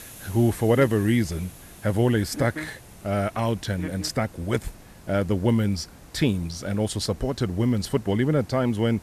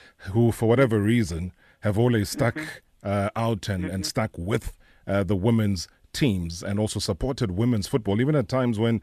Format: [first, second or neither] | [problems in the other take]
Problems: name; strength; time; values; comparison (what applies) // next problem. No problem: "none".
second | hiss; faint; throughout; 20 dB below the speech